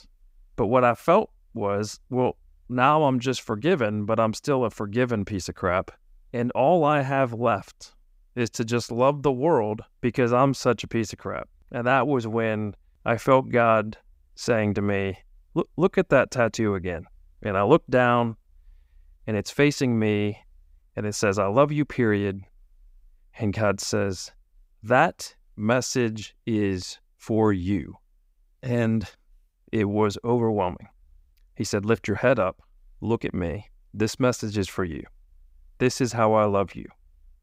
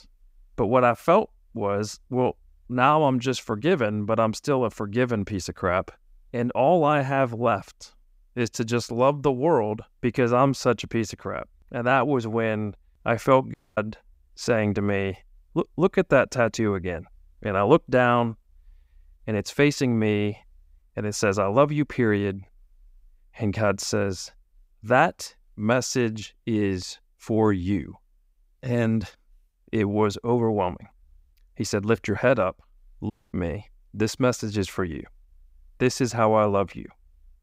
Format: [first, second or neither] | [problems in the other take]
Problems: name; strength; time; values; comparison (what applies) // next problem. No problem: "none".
first | audio cutting out; at 14 s and at 33 s